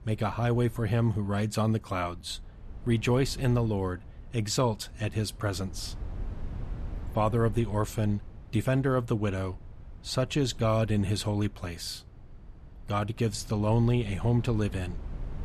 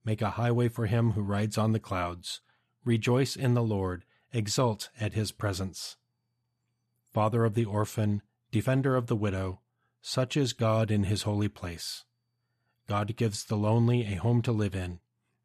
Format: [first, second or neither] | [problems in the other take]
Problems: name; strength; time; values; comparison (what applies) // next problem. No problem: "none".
second | wind noise on the microphone; occasional gusts; 25 dB below the speech